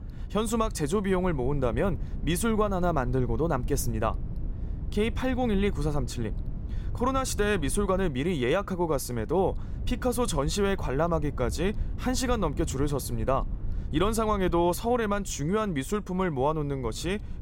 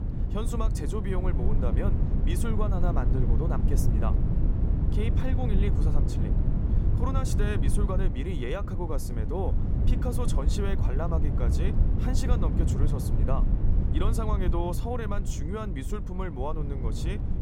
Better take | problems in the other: first | low rumble; loud; throughout; 4 dB below the speech; faint in the first

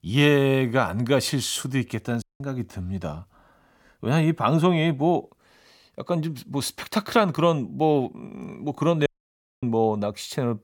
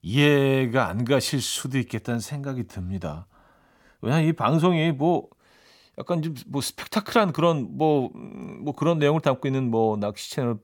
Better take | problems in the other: second | audio cutting out; at 2 s and at 9 s for 0.5 s

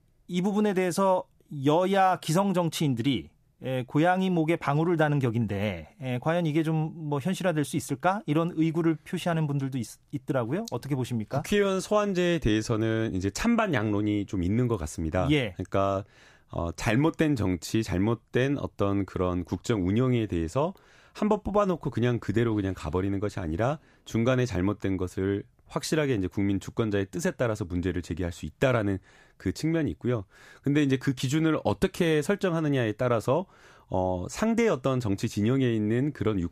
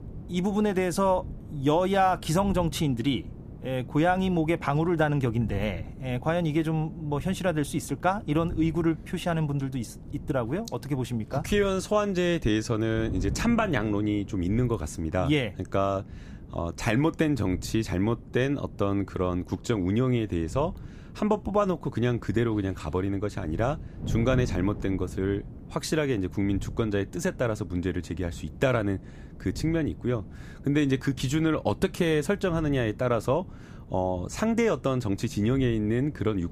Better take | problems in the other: first | wind noise on the microphone; occasional gusts; 20 dB below the speech

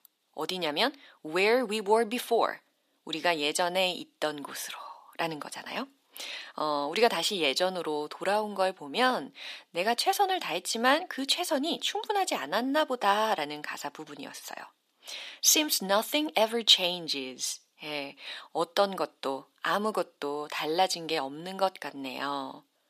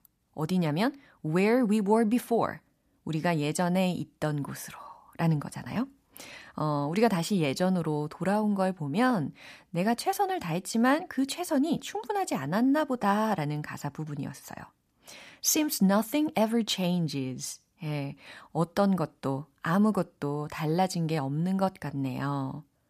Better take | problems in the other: second | thin; somewhat; fading below 350 Hz

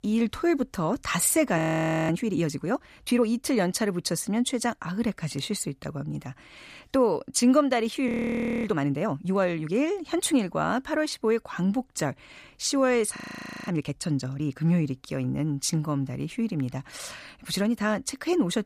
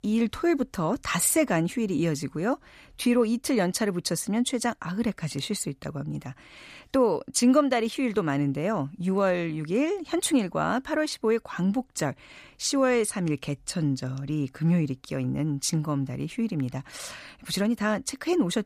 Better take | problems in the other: second | audio freezing; at 1.5 s for 0.5 s, at 8 s for 0.5 s and at 13 s for 0.5 s

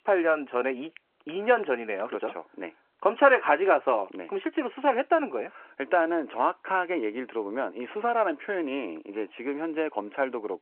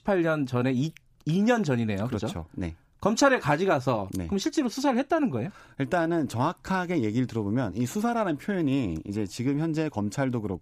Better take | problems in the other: second | phone-call audio

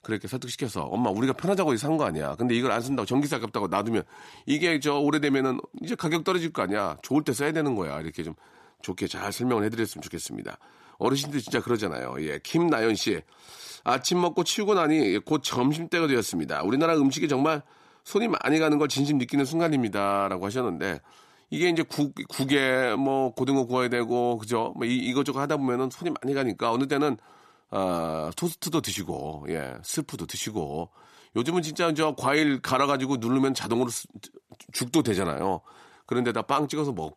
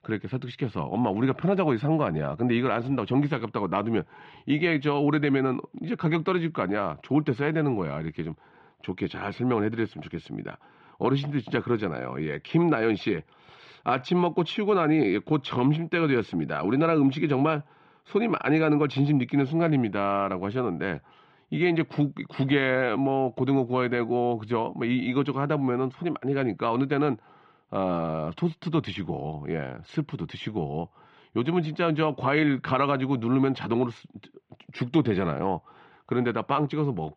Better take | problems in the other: first | muffled; very; fading above 3 kHz

